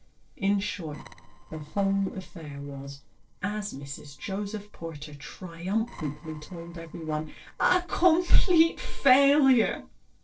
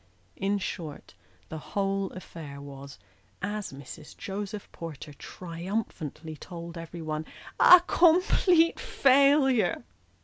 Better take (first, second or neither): second